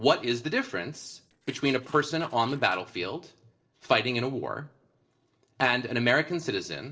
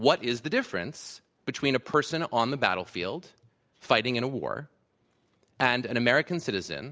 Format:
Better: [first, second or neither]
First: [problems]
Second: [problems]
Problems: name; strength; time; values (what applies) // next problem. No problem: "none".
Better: second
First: noise reduction (neural separator model SepFormer DNS4)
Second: none